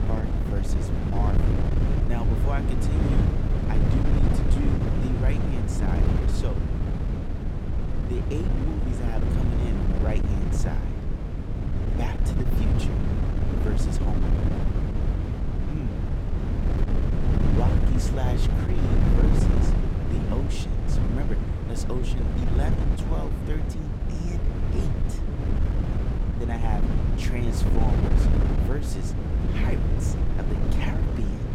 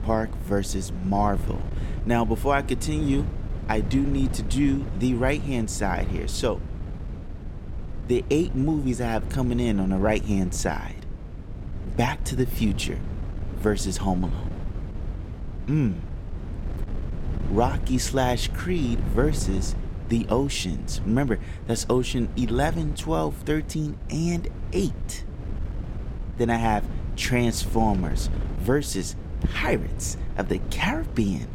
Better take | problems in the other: second | wind noise on the microphone; heavy; 3 dB above the speech; occasional gusts in the second

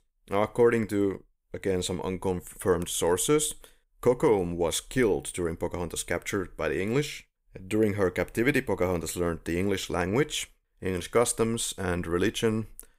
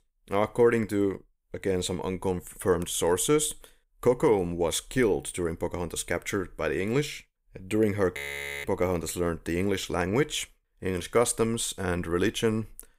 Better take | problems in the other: first | audio freezing; at 8 s

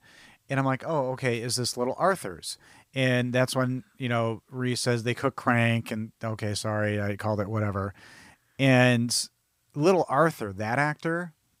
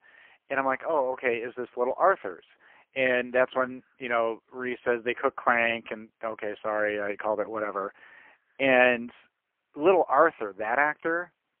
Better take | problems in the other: first | phone-call audio; poor line

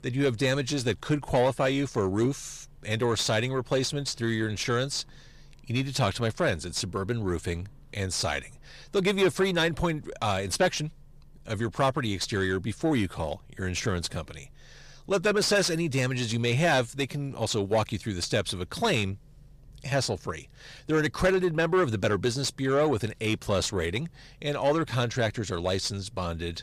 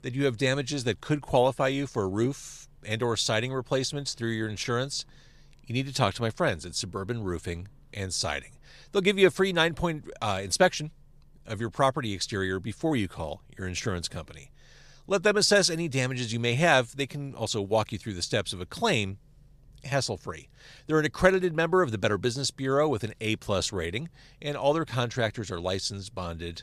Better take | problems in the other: second | distortion; slight; 10 dB below the speech

